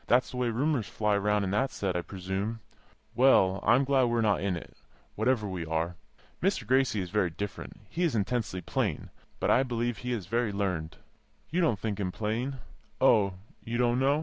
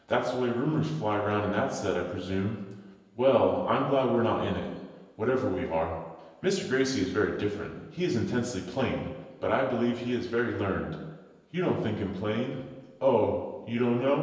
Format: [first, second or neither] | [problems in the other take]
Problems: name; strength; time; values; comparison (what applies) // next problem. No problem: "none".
first | room echo; dies away in 1 s